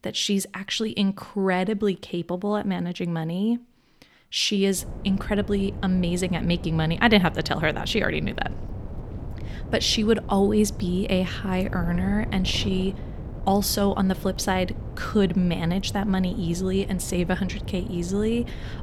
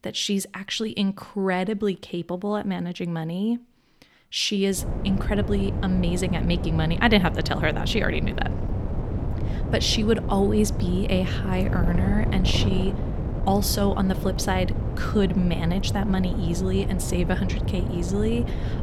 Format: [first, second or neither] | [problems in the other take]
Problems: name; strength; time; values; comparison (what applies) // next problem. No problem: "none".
first | wind noise on the microphone; heavy; from 5 s on; 9 dB below the speech; occasional gusts in the first